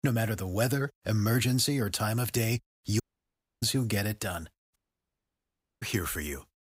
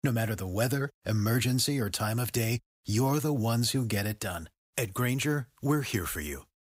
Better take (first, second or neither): second